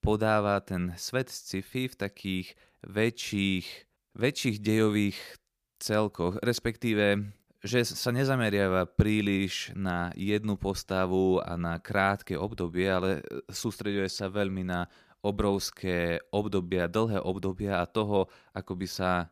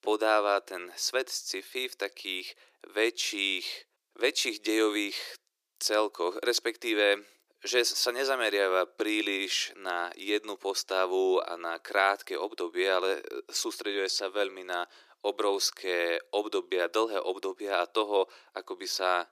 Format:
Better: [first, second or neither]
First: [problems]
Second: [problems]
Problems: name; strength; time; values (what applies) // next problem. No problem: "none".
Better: first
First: none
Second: thin; very; fading below 350 Hz